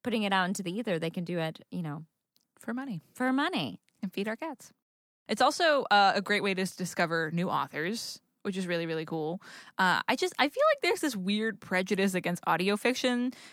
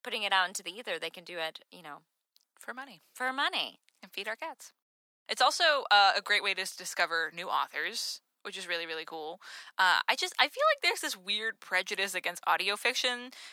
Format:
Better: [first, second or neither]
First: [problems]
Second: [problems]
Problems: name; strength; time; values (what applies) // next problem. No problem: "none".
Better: first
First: none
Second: thin; very; fading below 750 Hz